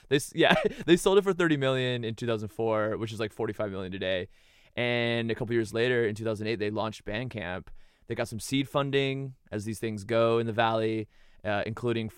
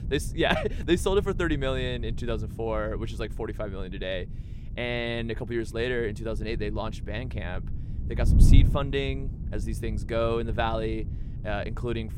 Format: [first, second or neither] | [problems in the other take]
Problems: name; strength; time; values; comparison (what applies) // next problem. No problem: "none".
first | wind noise on the microphone; occasional gusts; 15 dB below the speech